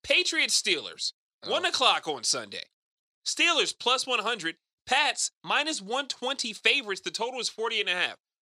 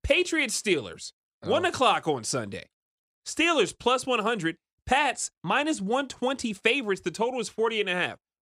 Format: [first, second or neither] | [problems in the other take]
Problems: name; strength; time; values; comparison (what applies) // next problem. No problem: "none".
second | thin; very slightly; fading below 650 Hz